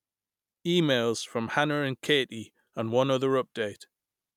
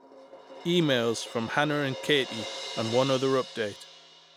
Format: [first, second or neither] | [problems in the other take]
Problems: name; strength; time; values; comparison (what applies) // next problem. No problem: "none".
first | background sound (Crash cymbal); 12 dB below the speech